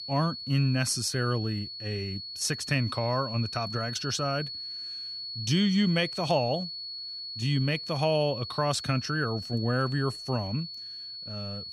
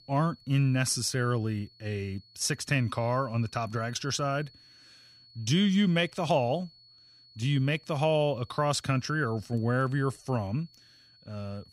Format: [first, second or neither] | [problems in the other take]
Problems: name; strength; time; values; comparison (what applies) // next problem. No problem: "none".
second | high-pitched whine; loud; throughout; 4.5 kHz, 7 dB below the speech; faint in the second